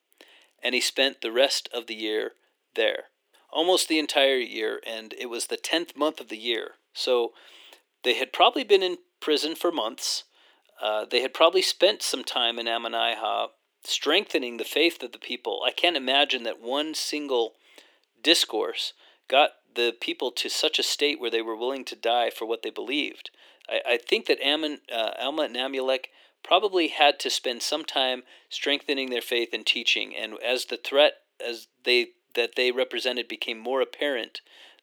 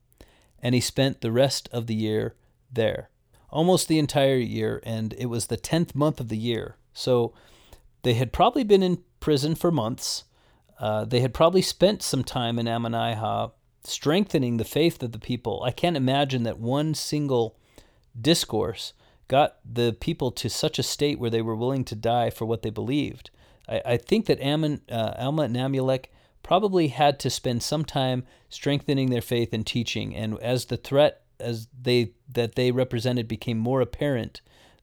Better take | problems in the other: second | thin; somewhat; fading below 300 Hz

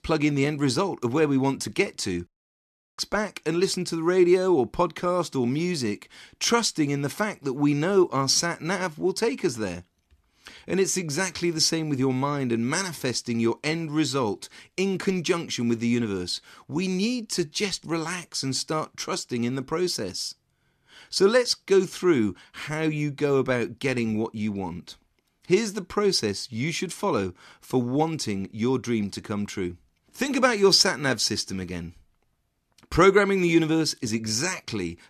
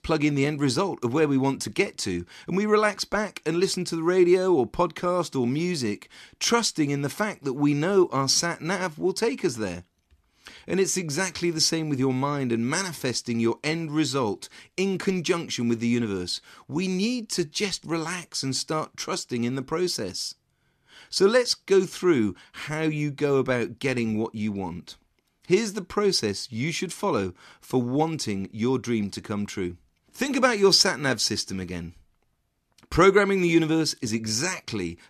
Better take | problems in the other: second | audio cutting out; at 2.5 s for 0.5 s

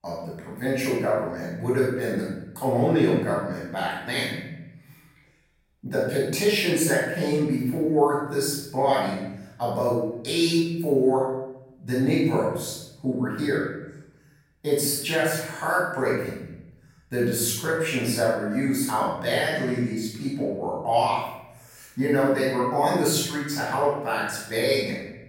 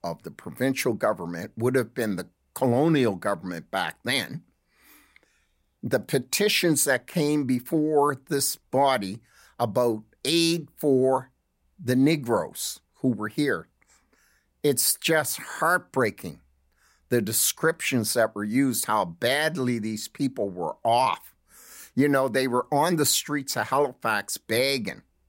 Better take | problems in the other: second | room echo; strong; dies away in 0.9 s // off-mic speech; far

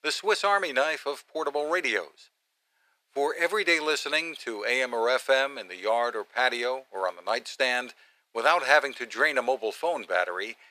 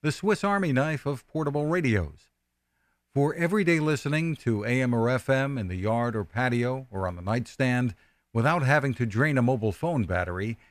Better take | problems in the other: second | thin; very; fading below 450 Hz

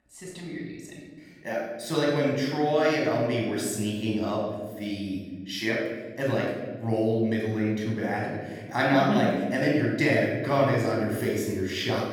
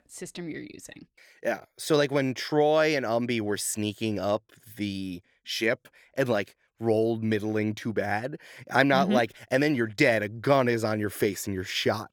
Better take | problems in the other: second | off-mic speech; far // room echo; noticeable; dies away in 1.4 s

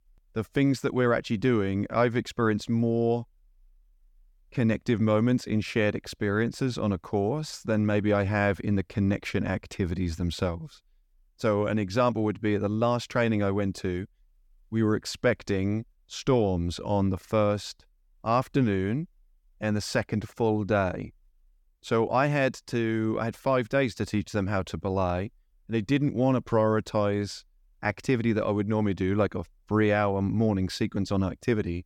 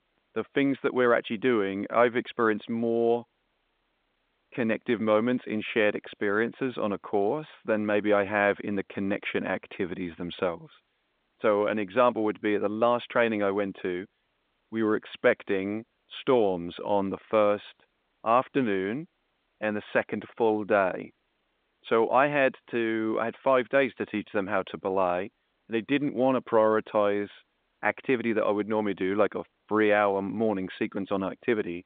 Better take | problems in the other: first | phone-call audio; nothing above 3.5 kHz

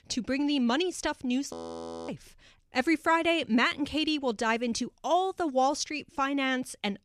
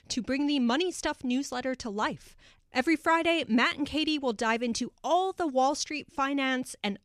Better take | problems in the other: second | audio freezing; at 1.5 s for 0.5 s

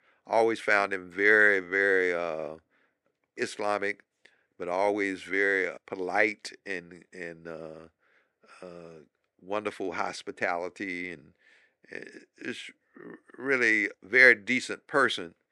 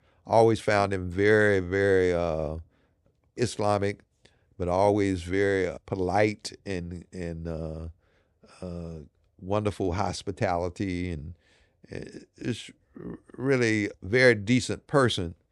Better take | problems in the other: second | thin; somewhat; fading below 300 Hz

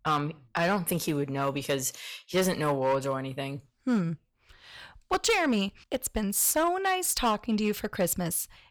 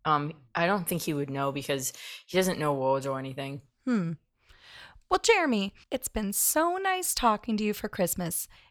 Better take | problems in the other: second | distortion; slight; 4% of the sound clipped

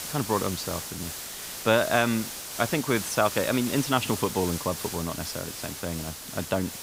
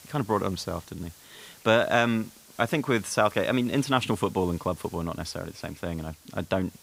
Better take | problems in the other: second | hiss; loud; throughout; 6 dB below the speech; faint in the second

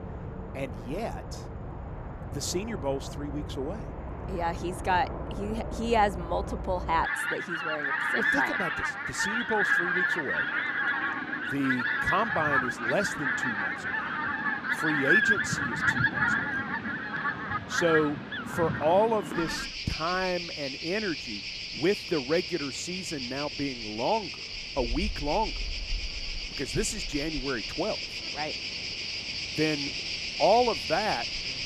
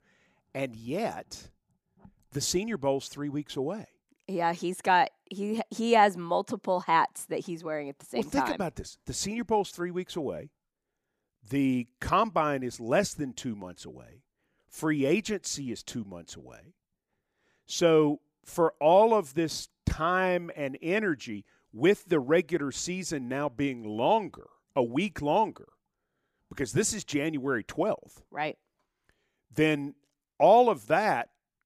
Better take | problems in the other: second | animal sounds; very loud; throughout; as loud as the speech

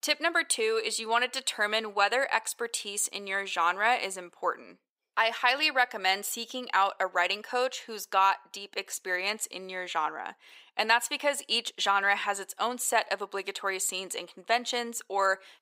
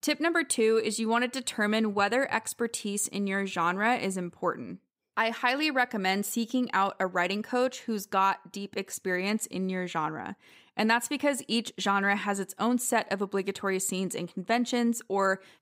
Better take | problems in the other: second | thin; very; fading below 650 Hz

